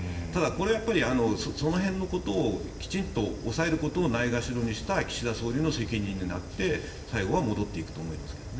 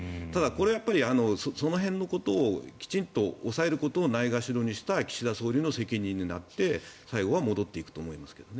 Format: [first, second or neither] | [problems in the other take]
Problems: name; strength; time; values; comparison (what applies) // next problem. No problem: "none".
second | background sound (Fire); 11 dB below the speech // room echo; dies away in 0.8 s